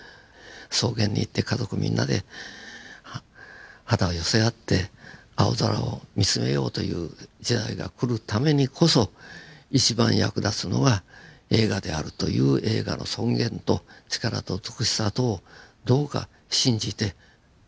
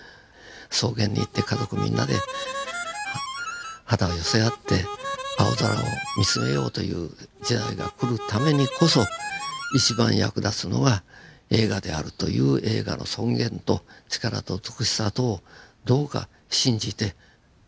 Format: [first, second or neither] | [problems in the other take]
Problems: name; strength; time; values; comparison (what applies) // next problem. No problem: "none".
first | background sound (Harmonica); 8 dB below the speech